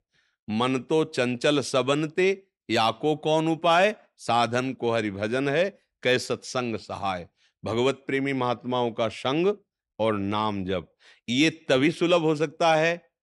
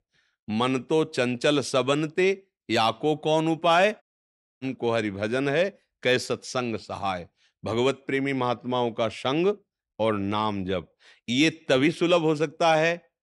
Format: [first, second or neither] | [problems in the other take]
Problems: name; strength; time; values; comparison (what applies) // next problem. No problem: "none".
first | audio cutting out; at 4 s for 0.5 s